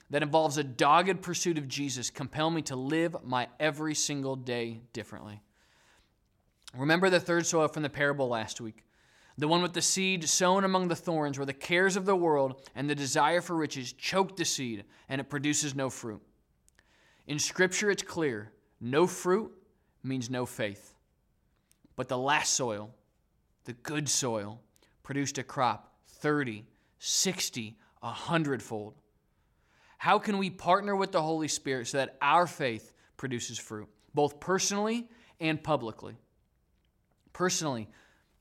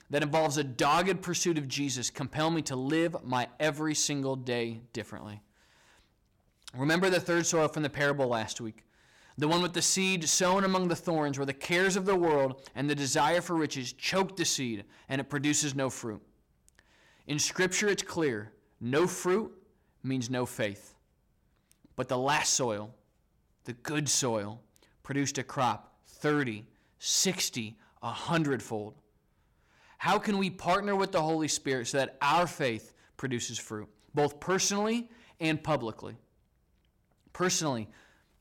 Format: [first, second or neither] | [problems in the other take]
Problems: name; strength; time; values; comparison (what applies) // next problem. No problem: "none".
first | distortion; slight; 4% of the sound clipped